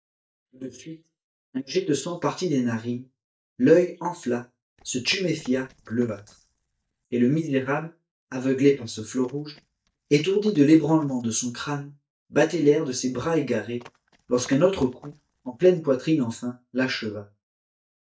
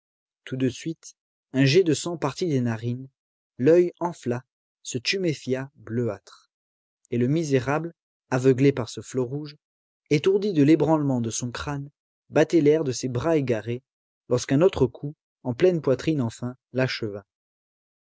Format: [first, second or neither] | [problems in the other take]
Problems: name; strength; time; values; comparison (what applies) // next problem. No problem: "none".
second | noise reduction (neural mask model DeepFilterNet 3)